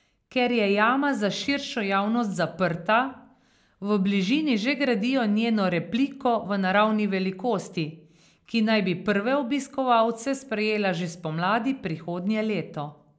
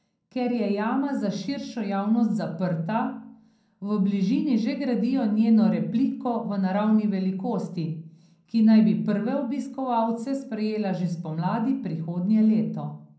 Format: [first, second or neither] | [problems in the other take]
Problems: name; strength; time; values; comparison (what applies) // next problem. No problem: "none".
first | room echo; dies away in 0.6 s